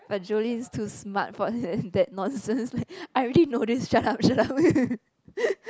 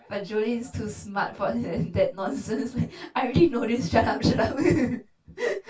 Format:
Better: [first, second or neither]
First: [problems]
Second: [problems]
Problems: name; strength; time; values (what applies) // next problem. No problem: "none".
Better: first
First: none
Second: room echo; dies away in 0.2 s